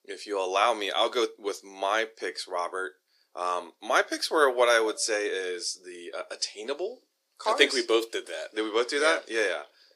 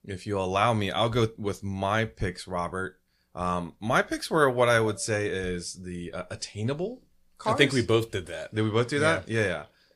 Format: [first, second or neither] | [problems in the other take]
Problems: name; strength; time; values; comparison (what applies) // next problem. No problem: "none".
second | thin; very; fading below 350 Hz